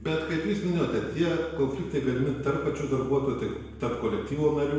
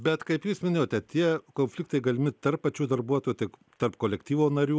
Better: second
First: background sound (Musical instrument); 19 dB below the speech // room echo; dies away in 0.9 s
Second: none

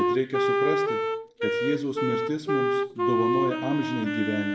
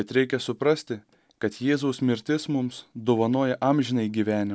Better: second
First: background sound (Wind instrument, woodwind instrument); 4 dB above the speech // room echo; dies away in 0.5 s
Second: none

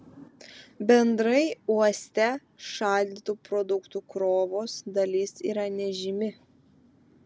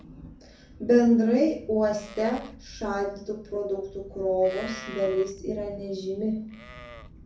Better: first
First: none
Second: background sound (Livestock, farm animals, working animals); 19 dB below the speech // room echo; dies away in 0.6 s

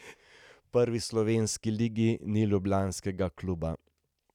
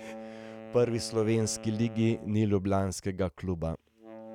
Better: first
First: none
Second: background sound (Wind instrument, woodwind instrument); 16 dB below the speech

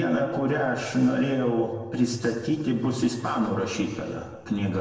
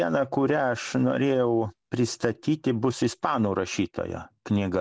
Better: second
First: room echo; dies away in 1.3 s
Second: none

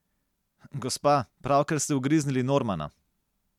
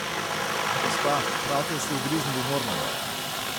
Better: first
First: none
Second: background sound (Aircraft); 4 dB above the speech

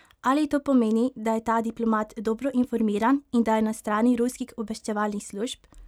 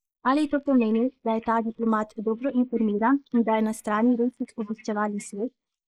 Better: first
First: none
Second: noise reduction (neural mask model Resemble Enhance denoiser)

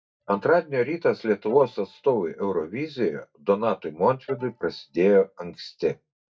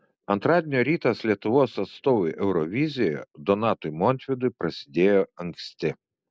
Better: second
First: noise reduction (neural mask model DeepFilterNet 3)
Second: none

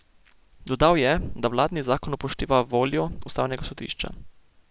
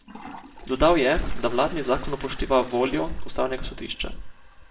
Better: first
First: none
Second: background sound (Toilet flush); 20 dB below the speech // room echo; dies away in 0.4 s

